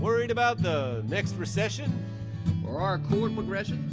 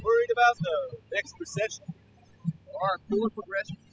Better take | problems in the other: first | noise reduction (classical method spectral subtraction)

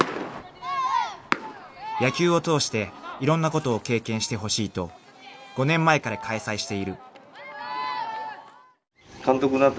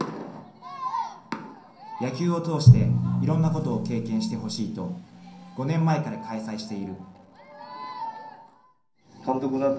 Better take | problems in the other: first | background sound (Drum); 1 dB above the speech // room echo; dies away in 0.6 s

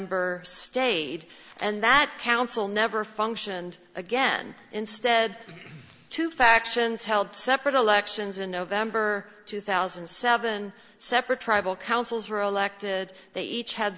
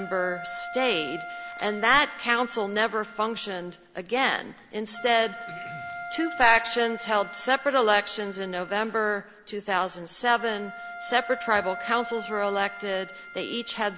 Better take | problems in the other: first | background sound (Wind instrument, woodwind instrument); 13 dB below the speech

